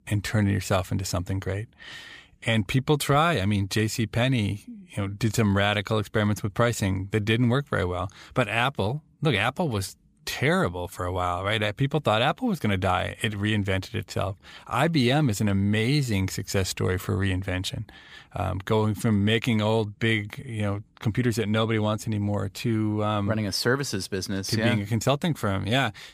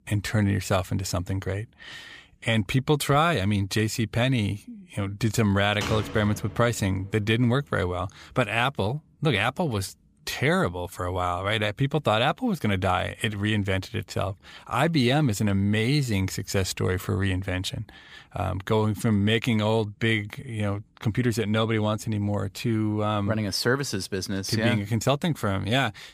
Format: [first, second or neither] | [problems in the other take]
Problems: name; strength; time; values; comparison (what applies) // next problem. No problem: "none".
first | door banging; noticeable; from 6 to 7 s; peak 7 dB below the speech